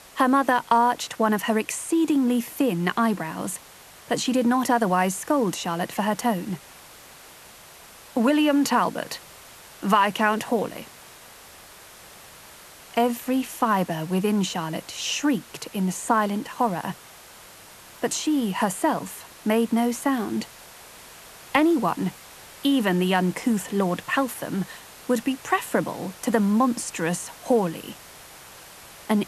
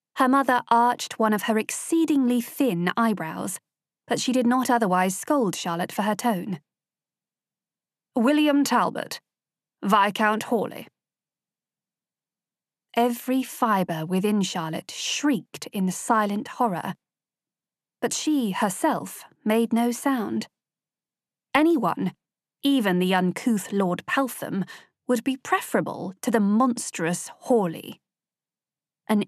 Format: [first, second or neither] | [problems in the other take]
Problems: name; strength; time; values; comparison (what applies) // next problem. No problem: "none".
second | hiss; faint; throughout; 20 dB below the speech